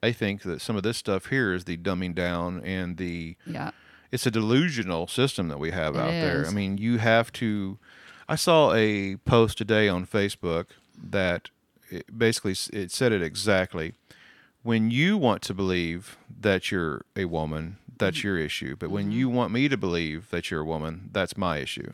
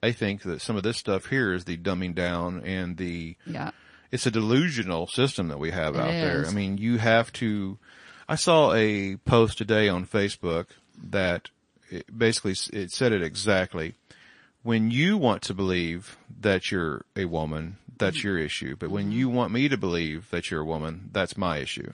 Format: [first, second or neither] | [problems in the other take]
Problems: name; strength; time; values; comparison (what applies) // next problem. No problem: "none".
first | garbled, watery; slightly